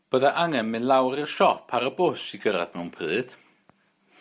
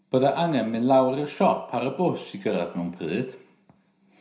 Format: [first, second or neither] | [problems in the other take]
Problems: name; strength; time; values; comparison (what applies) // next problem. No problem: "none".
first | room echo; dies away in 0.5 s